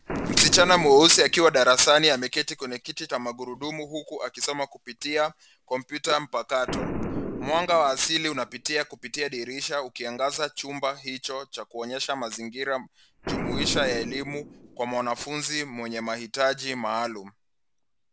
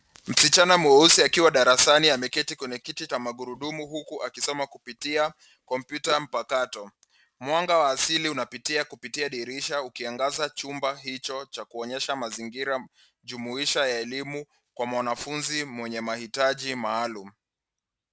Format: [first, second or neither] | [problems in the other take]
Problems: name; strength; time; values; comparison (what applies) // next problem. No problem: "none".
second | background sound (Boom); 12 dB below the speech